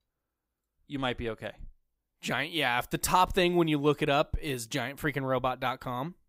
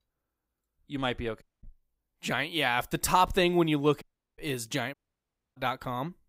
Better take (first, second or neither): first